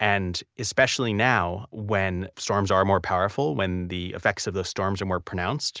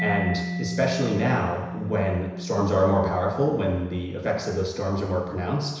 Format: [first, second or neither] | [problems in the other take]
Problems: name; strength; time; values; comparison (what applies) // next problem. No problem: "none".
first | background sound (Mallet percussion); 8 dB below the speech // room echo; dies away in 1 s